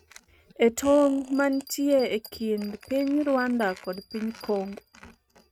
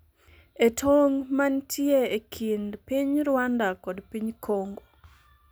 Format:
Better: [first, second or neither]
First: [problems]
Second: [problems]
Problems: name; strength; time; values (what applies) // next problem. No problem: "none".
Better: second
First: noise reduction (neural mask model RNNoise)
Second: none